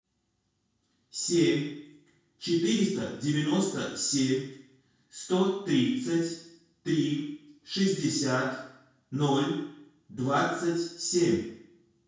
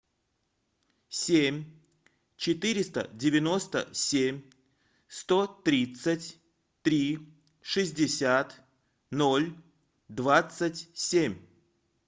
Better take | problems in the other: second | room echo; dies away in 0.6 s

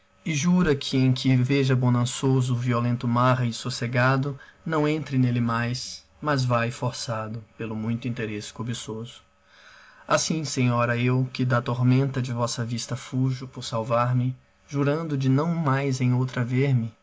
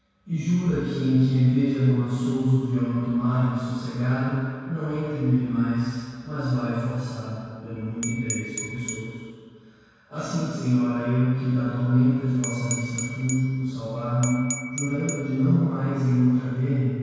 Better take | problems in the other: first | background sound (Glass / Bell); 11 dB below the speech // room echo; dies away in 2 s

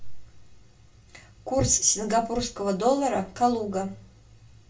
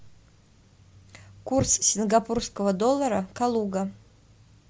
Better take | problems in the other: second | room echo; dies away in 0.2 s

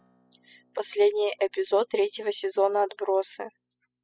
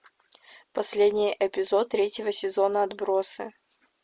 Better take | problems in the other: second | noise reduction (classical method spectral subtraction)

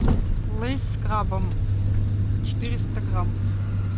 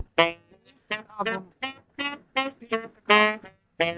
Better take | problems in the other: first | noise reduction (neural mask model DeepFilterNet 3)

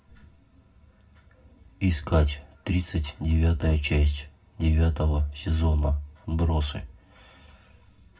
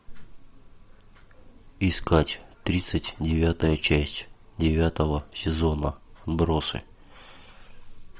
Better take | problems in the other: second | room echo; dies away in 0.4 s

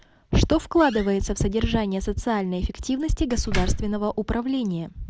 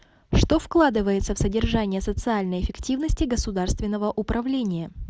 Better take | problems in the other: second | background sound (Slam); 11 dB below the speech

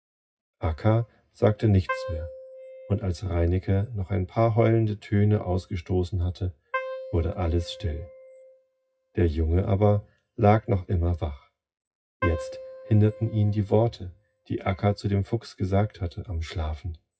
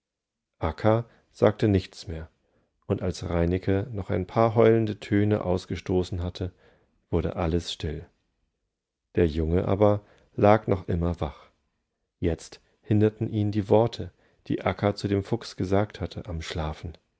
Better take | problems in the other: second | noise reduction (classical method WPE with log-MMSE)

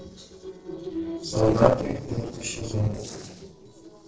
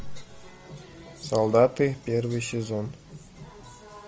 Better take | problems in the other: second | noise reduction (neural separator model SepFormer DNS4)

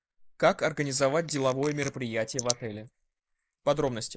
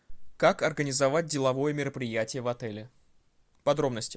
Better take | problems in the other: second | noise reduction (neural mask model Resemble Enhance denoiser)

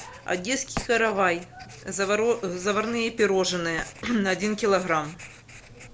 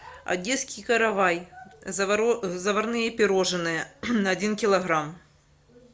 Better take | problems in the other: second | background sound (Writing); 16 dB below the speech

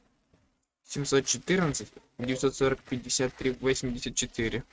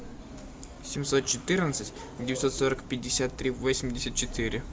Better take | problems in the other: second | noise reduction (neural mask model RNNoise)

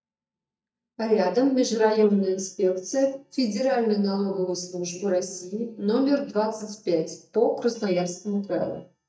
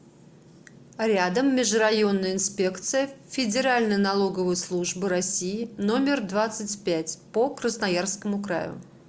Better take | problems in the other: second | noise reduction (neural mask model DeepFilterNet 3)

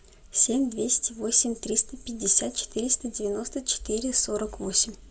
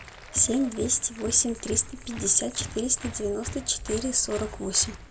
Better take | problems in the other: first | background sound (Applause); 14 dB below the speech

